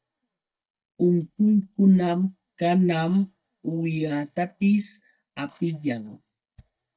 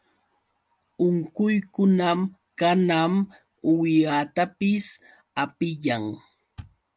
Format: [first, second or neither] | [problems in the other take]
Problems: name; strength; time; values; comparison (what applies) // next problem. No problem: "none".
second | noise reduction (neural mask model DeepFilterNet 3)